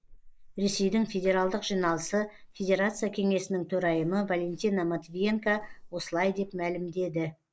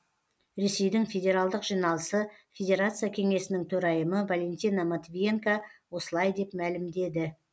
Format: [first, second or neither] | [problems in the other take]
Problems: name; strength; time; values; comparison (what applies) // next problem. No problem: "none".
second | noise reduction (neural mask model Resemble Enhance denoiser)